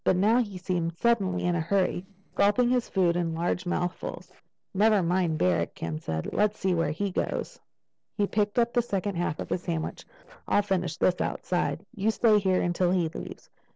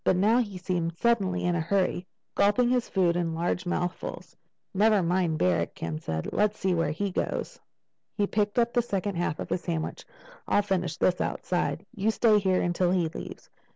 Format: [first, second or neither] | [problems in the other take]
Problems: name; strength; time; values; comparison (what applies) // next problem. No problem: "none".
second | noise reduction (neural separator model SepFormer DNS4)